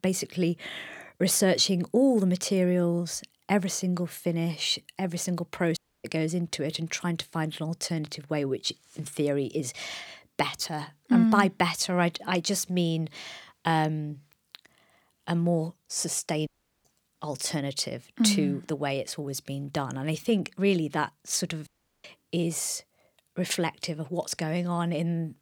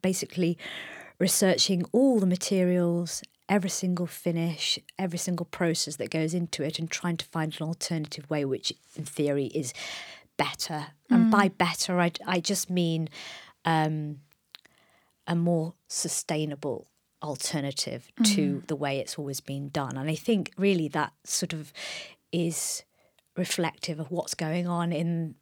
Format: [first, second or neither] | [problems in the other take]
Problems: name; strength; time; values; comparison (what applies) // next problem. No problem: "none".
second | audio cutting out; at 6 s, at 16 s and at 22 s